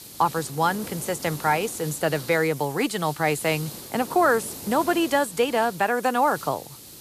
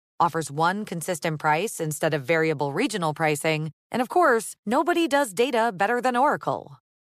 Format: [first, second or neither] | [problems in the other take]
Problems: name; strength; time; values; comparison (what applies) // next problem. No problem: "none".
second | hiss; noticeable; throughout; 15 dB below the speech